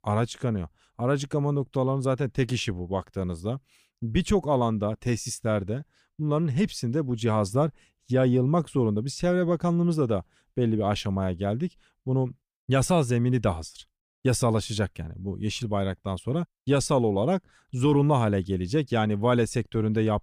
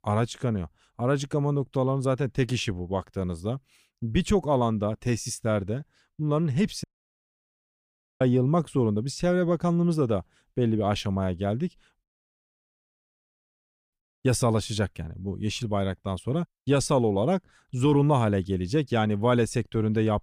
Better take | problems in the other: first | audio cutting out; at 7 s for 1.5 s and at 12 s for 2 s

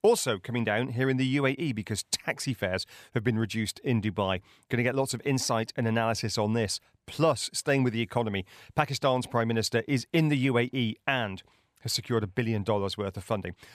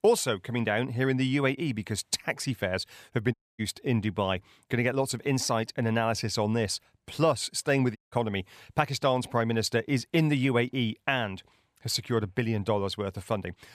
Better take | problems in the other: first | audio cutting out; at 3.5 s and at 8 s

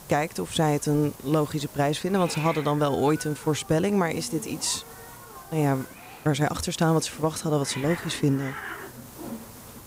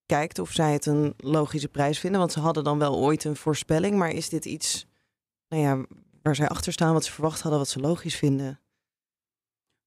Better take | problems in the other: second | hiss; noticeable; throughout; 15 dB below the speech

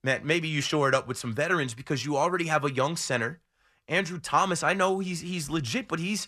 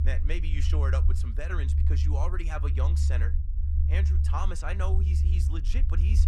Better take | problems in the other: first | low rumble; loud; throughout; 6 dB below the speech

